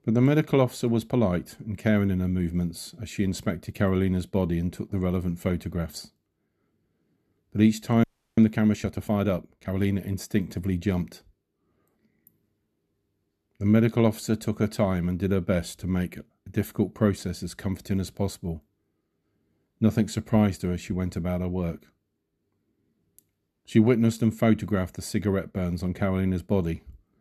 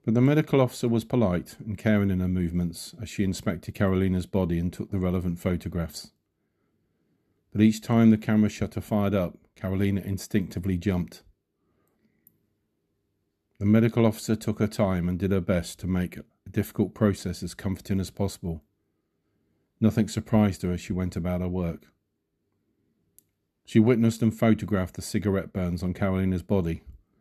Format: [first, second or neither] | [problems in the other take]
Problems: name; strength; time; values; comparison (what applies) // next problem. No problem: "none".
second | audio freezing; at 8 s